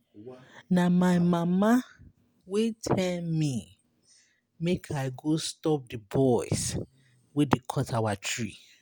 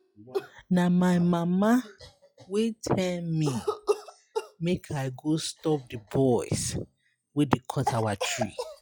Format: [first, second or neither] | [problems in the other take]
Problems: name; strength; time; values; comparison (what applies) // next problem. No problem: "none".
first | noise reduction (classical method log-MMSE)